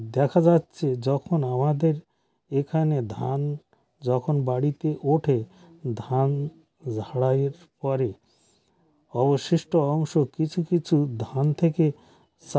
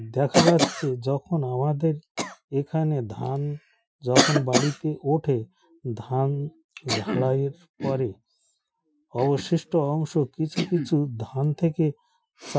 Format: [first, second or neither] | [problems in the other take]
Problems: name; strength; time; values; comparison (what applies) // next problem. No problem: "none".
first | noise reduction (classical method Wiener filter)